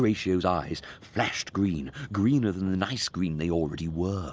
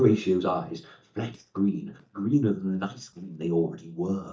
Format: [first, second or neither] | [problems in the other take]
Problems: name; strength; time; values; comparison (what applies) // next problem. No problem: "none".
first | noise reduction (neural mask model DeepFilterNet 3)